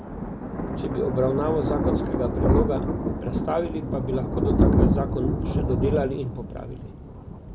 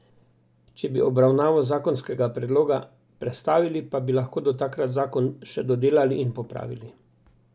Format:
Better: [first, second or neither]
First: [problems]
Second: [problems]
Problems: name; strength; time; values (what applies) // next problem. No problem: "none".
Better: second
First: background sound (Thunder); 4 dB above the speech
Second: none